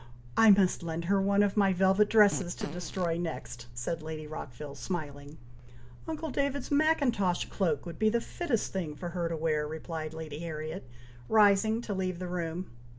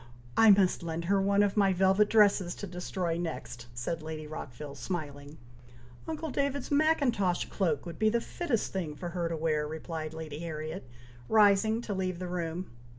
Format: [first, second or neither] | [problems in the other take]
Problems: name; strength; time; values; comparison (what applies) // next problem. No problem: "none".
second | background sound (Fart); 13 dB below the speech